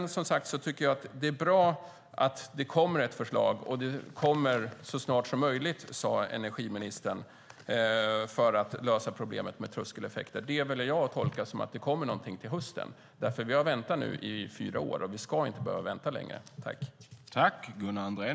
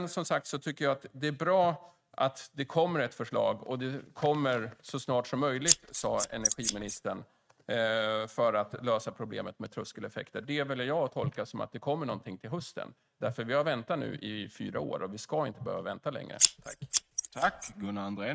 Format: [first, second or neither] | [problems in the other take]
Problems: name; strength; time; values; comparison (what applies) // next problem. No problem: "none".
first | noise reduction (neural mask model RNNoise)